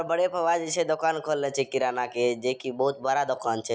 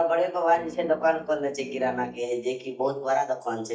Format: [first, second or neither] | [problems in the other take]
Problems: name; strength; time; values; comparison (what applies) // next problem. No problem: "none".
first | noise reduction (neural mask model DeepFilterNet 3)